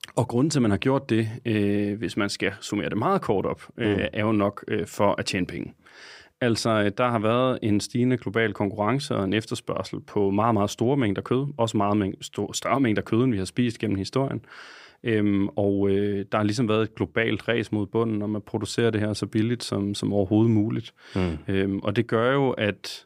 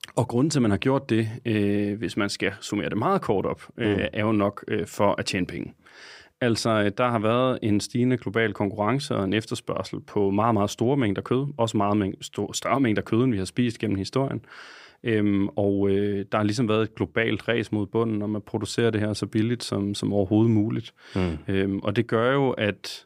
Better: neither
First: none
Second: none

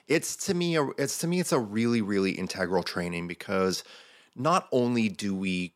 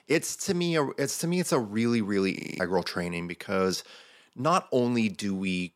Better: first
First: none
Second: audio freezing; at 2.5 s

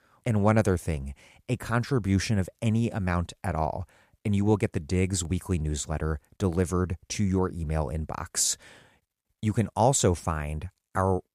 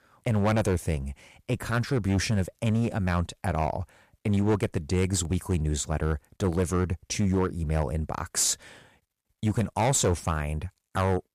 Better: first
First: none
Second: distortion; slight; 7% of the sound clipped

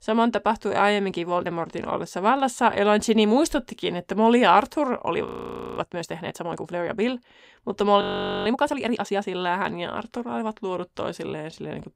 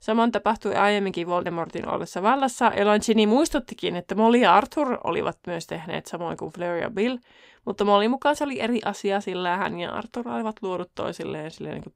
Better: second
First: audio freezing; at 5.5 s for 0.5 s and at 8 s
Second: none

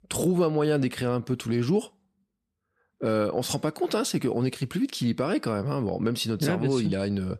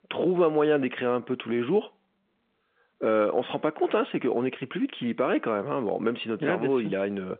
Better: first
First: none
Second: phone-call audio

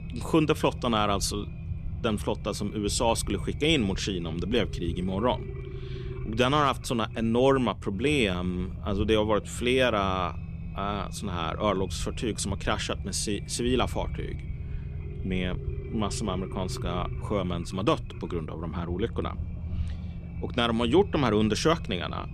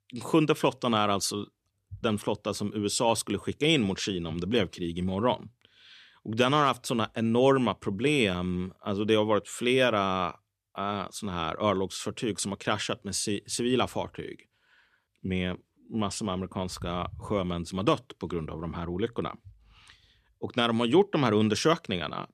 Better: second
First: low rumble; noticeable; throughout; 20 dB below the speech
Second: none

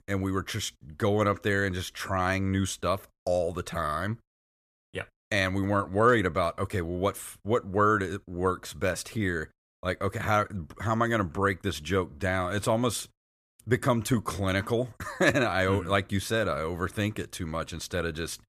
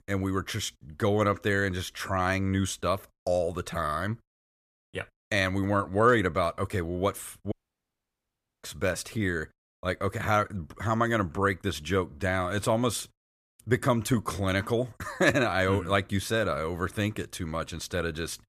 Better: first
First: none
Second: audio cutting out; at 7.5 s for 1 s

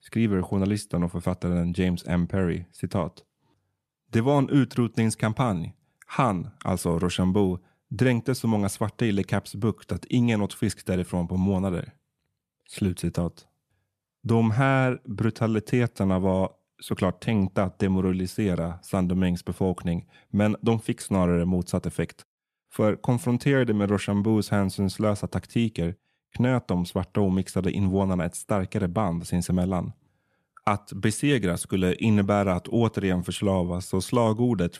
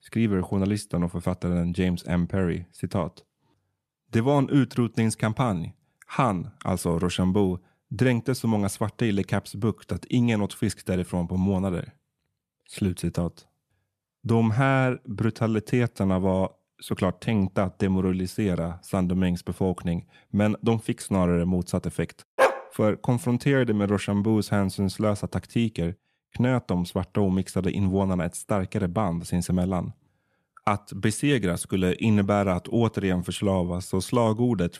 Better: first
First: none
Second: dog barking; loud; at 22 s; peak 3 dB above the speech

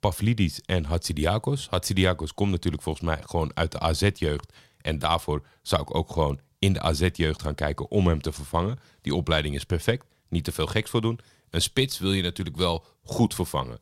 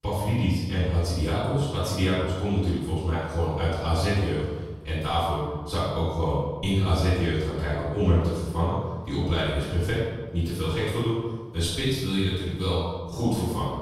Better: first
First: none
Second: off-mic speech; far // room echo; strong; dies away in 1.2 s

